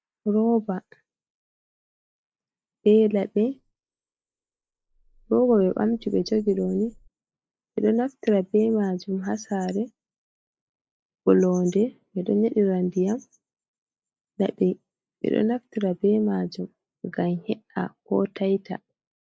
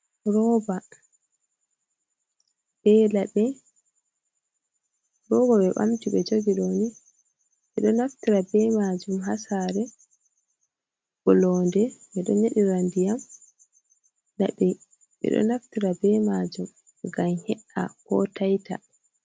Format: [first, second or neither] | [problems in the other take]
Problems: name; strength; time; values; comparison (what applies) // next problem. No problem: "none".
second | noise reduction (neural mask model Resemble Enhance denoiser)